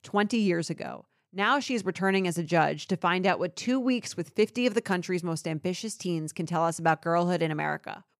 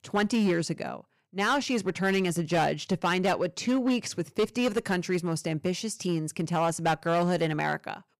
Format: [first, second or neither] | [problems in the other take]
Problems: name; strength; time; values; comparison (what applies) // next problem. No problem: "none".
first | distortion; slight; 7% of the sound clipped